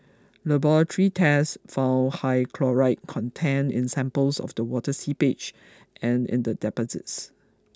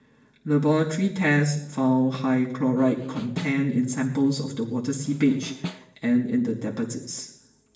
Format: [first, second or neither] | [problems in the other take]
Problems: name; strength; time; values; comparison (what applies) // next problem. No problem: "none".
first | background sound (Snare drum); 13 dB below the speech // room echo; dies away in 0.8 s